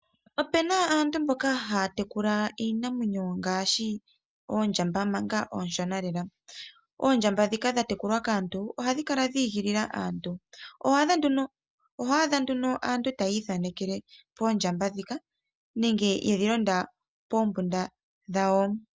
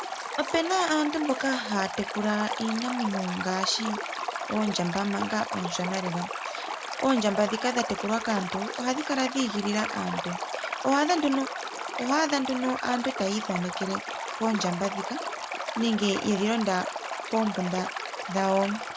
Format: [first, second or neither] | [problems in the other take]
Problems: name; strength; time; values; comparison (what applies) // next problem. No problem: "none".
first | background sound (Stream); 5 dB below the speech